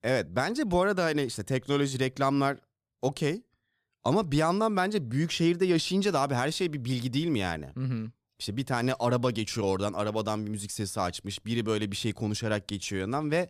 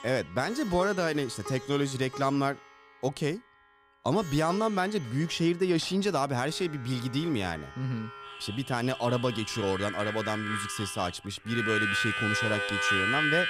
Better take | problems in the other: first | background music; loud; throughout; 2 dB below the speech

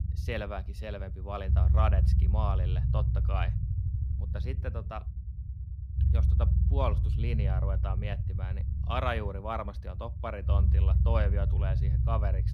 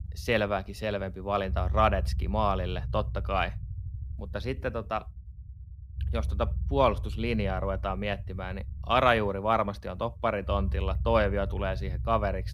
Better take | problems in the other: second | low rumble; loud; throughout; 8 dB below the speech; faint in the second

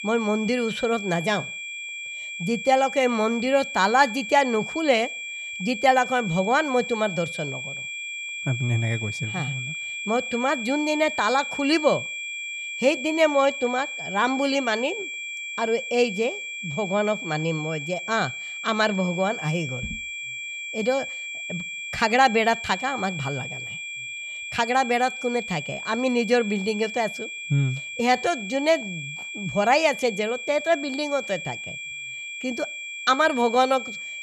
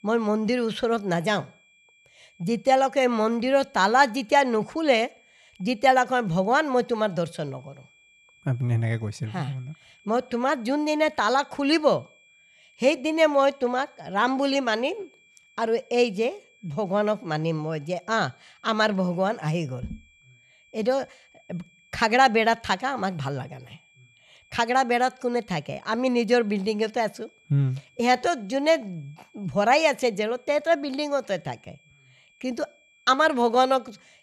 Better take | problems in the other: second | high-pitched whine; loud; throughout; 2.5 kHz, 7 dB below the speech; faint in the second

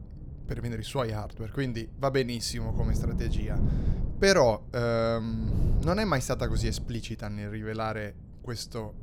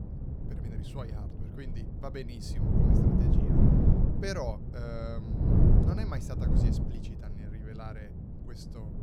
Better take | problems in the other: first | wind noise on the microphone; heavy; 5 dB above the speech; occasional gusts in the first

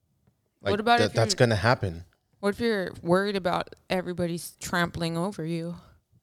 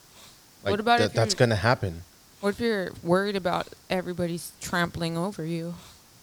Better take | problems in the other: first | hiss; faint; throughout; 25 dB below the speech

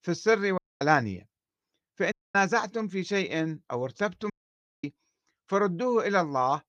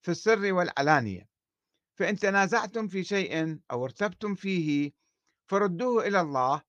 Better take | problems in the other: second | audio cutting out; at 0.5 s, at 2 s and at 4.5 s for 0.5 s

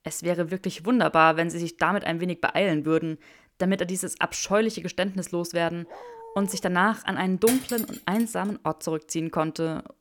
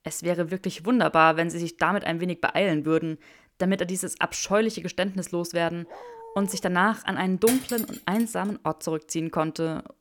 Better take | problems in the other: neither | dog barking; faint; at 6 s; peak 15 dB below the speech; the same in both // clattering dishes; noticeable; at 7.5 s; peak 3 dB below the speech; the same in both

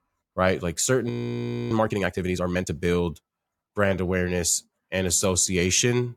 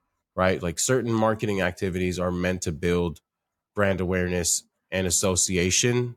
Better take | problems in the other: second | audio freezing; at 1 s for 0.5 s

